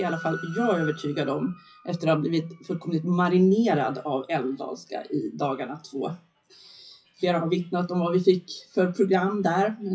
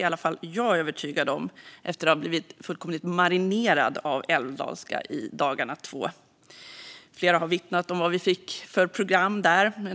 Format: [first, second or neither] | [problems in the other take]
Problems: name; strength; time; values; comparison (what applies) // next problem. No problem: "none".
second | noise reduction (classical method WPE with log-MMSE)